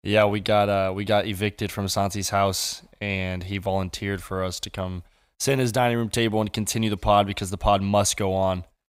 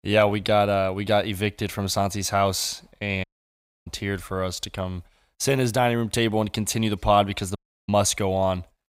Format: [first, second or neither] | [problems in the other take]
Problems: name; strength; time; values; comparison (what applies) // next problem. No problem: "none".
first | audio cutting out; at 3 s for 0.5 s and at 7.5 s